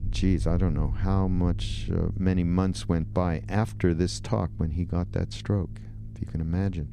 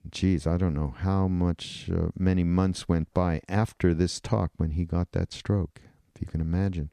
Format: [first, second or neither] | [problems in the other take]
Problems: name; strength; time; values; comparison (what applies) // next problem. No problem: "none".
second | low rumble; noticeable; throughout; 20 dB below the speech